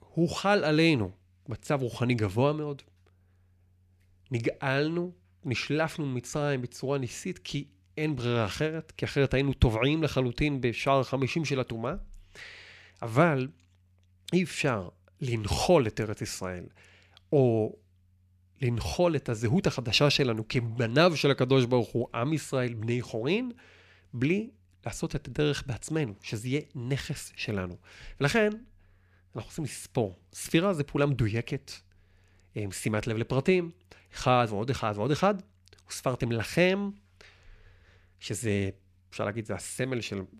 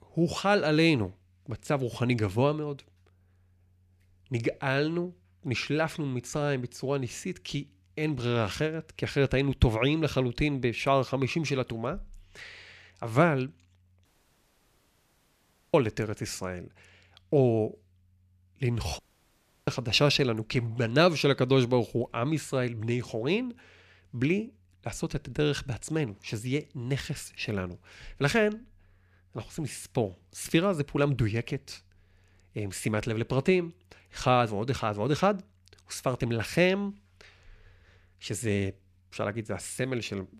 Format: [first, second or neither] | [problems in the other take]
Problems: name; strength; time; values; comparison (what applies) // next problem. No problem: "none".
first | audio cutting out; at 14 s for 1.5 s and at 19 s for 0.5 s